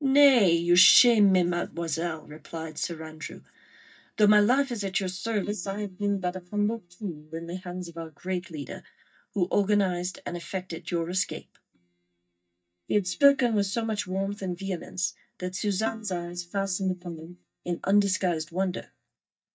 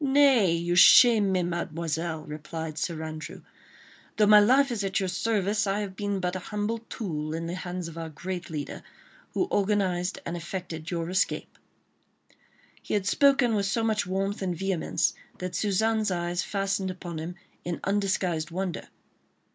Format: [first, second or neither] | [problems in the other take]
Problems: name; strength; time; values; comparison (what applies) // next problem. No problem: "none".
second | noise reduction (neural mask model DeepFilterNet 3)